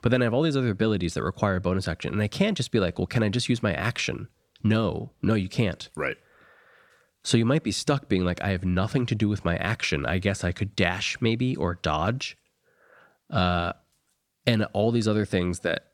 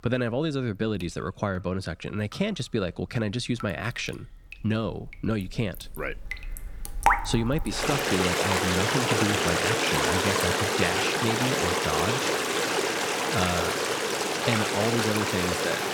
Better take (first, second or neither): first